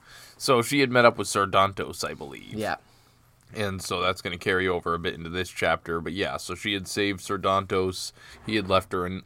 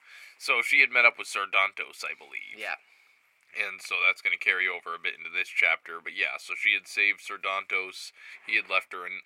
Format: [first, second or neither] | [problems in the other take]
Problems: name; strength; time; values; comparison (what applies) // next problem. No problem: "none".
first | thin; very; fading below 550 Hz